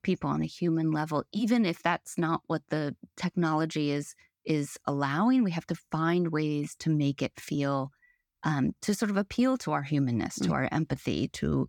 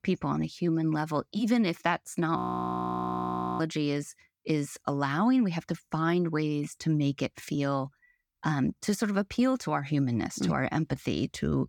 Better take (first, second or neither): first